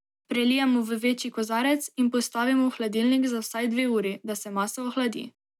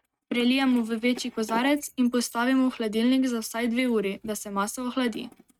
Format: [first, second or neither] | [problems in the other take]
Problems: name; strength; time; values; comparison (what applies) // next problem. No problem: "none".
first | noise reduction (neural mask model RNNoise)